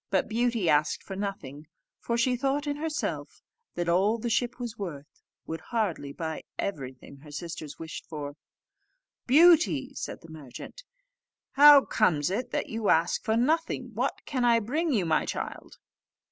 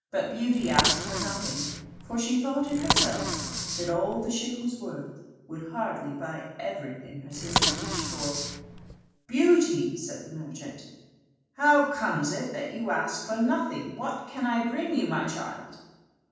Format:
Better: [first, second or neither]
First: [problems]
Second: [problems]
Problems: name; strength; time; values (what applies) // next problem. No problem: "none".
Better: first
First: none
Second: background sound (Bicycle); 1 dB below the speech // room echo; dies away in 1.2 s